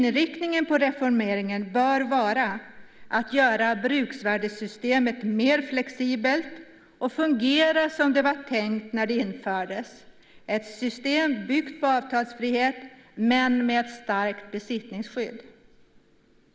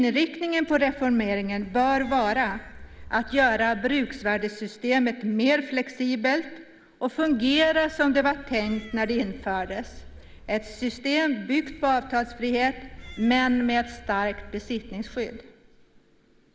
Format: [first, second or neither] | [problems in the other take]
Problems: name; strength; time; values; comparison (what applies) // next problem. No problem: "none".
first | background sound (Cat); 19 dB below the speech